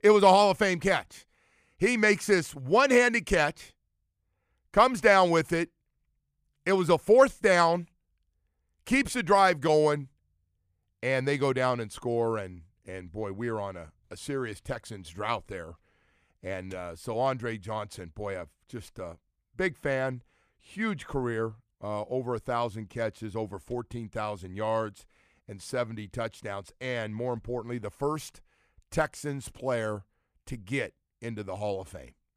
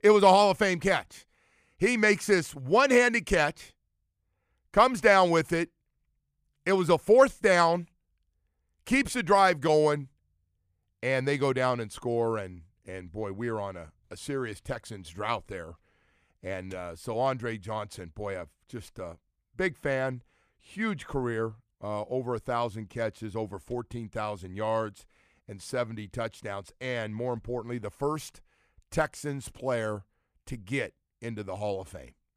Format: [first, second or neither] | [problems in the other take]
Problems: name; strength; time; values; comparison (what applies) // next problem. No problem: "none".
neither | none